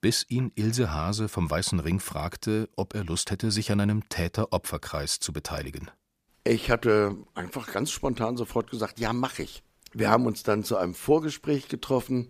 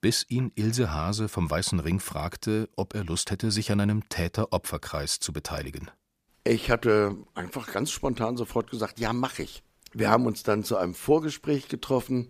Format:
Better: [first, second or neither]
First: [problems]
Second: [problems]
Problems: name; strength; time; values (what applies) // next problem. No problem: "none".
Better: neither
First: none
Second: none